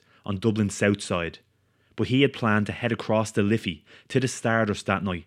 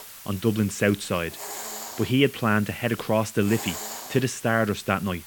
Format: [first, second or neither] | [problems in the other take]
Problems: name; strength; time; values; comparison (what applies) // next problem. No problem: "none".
first | hiss; noticeable; throughout; 10 dB below the speech